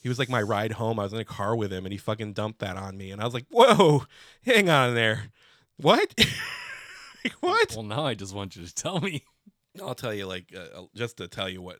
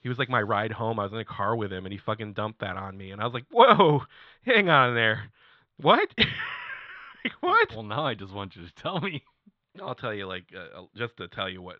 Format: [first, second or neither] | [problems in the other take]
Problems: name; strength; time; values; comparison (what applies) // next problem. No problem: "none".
first | muffled; very; fading above 3.5 kHz